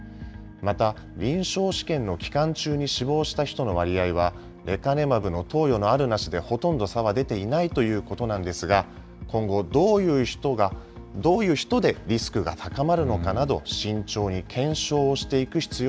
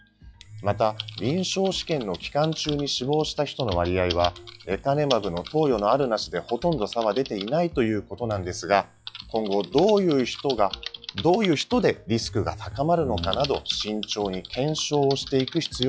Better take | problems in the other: first | noise reduction (classical method log-MMSE)

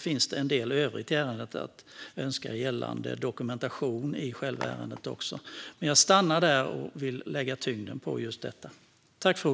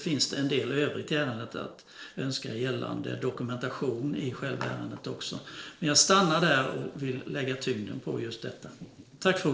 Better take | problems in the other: first | noise reduction (neural separator model SepFormer DNS4)

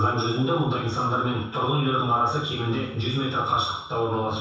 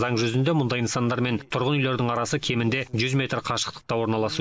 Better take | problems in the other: second | background sound (Bark); 18 dB below the speech // room echo; dies away in 0.7 s

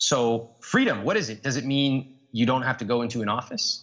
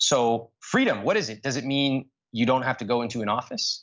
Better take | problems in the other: second | room echo; dies away in 0.3 s

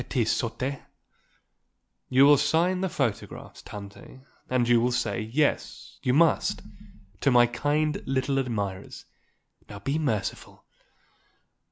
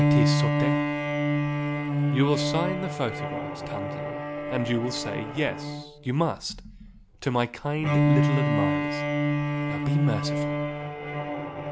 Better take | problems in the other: first | background sound (Bowed string instrument); 4 dB above the speech

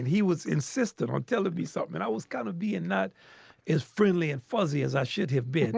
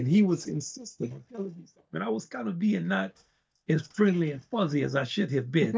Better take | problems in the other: first | noise reduction (neural mask model DeepFilterNet 3)

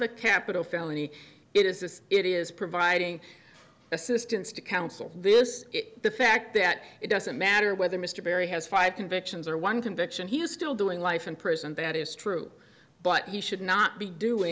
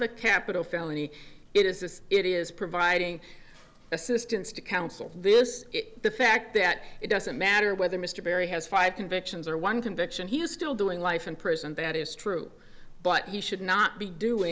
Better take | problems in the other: first | background sound (Livestock, farm animals, working animals); 20 dB below the speech

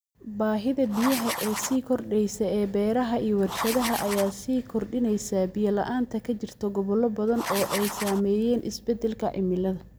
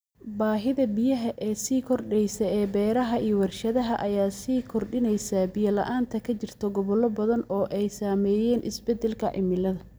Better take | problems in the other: second | background sound (Writing); 8 dB below the speech

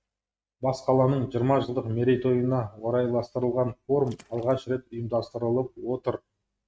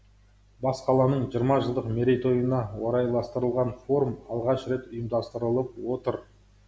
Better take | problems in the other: second | noise reduction (neural mask model RNNoise)

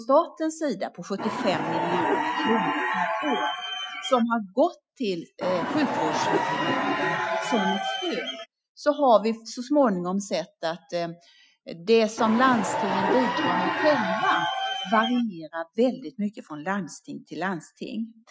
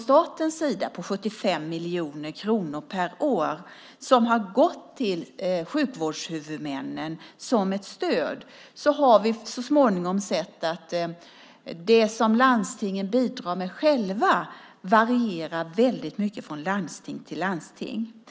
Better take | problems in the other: second | noise reduction (classical method Wiener filter)

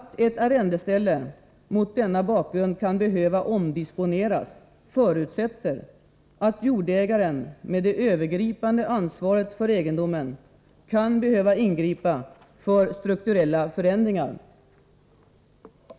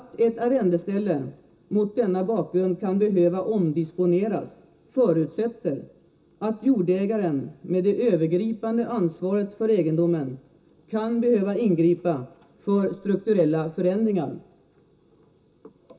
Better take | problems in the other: first | room echo; dies away in 0.2 s

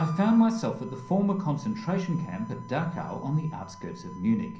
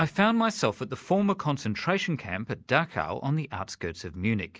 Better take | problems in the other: second | background sound (Harmonica); 19 dB below the speech // room echo; dies away in 0.6 s

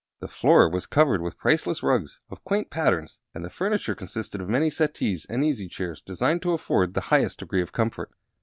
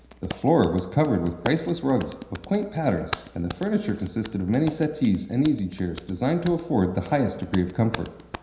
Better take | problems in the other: first | background sound (Hands); 15 dB below the speech // room echo; dies away in 0.9 s

